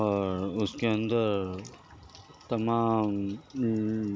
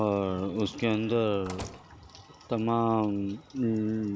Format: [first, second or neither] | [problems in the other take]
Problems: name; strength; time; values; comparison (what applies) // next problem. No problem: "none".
first | background sound (Slam); 17 dB below the speech